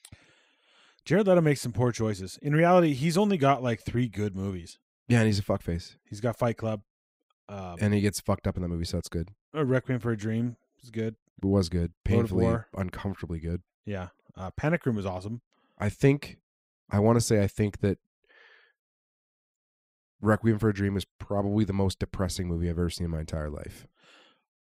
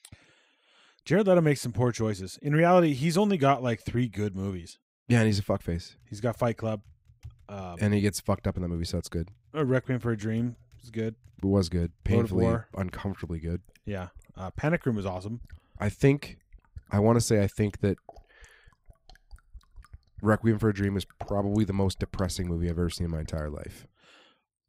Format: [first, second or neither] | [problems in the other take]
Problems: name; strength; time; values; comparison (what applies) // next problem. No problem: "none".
first | household noises; faint; from 6 s on; 25 dB below the speech